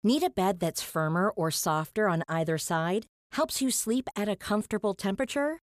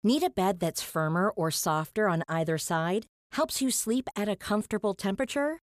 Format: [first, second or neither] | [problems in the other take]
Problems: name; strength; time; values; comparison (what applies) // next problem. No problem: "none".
neither | none